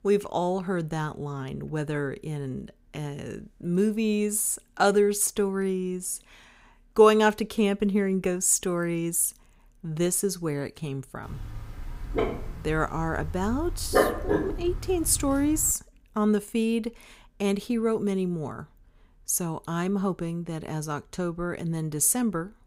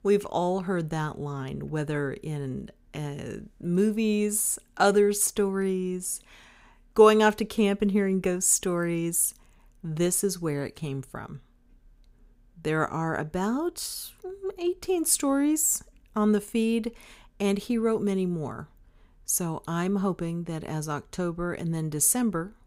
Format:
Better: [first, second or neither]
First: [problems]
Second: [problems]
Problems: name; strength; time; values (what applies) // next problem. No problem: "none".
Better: second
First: dog barking; loud; from 11 to 16 s; peak 3 dB above the speech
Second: none